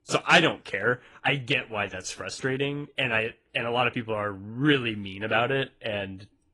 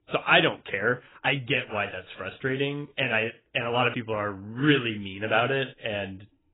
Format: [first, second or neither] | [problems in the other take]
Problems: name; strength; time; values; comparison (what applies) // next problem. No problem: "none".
first | garbled, watery; badly; nothing above 3.5 kHz; slightly in the first